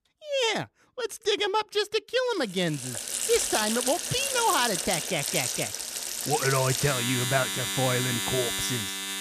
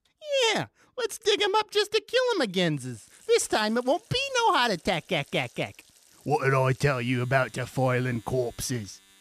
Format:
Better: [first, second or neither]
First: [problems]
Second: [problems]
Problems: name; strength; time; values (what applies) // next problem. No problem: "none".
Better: second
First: household noises; loud; from 2.5 s on; as loud as the speech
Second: household noises; faint; from 2.5 s on; 25 dB below the speech